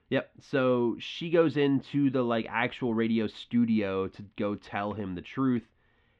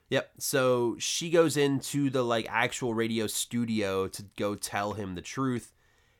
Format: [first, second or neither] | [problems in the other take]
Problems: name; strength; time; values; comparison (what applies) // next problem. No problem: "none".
second | muffled; very; fading above 3 kHz